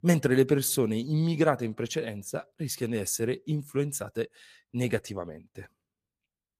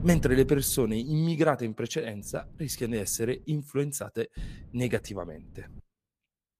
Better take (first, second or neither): first